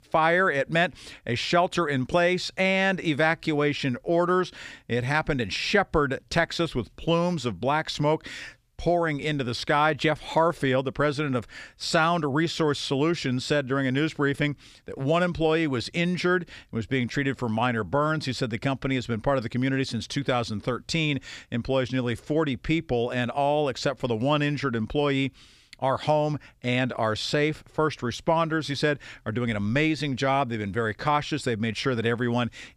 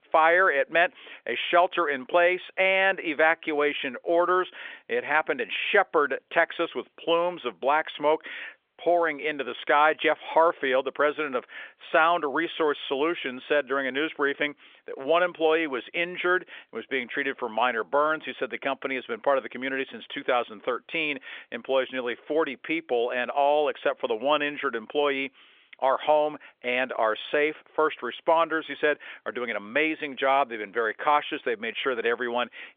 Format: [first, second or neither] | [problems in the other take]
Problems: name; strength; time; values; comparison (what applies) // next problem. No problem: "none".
first | phone-call audio; nothing above 3.5 kHz